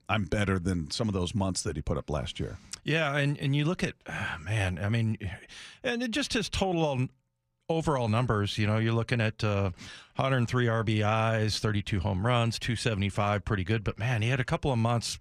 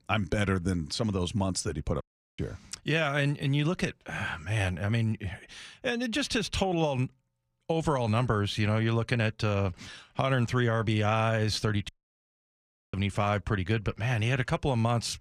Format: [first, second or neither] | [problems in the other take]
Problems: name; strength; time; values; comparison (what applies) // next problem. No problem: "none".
first | audio cutting out; at 2 s and at 12 s for 1 s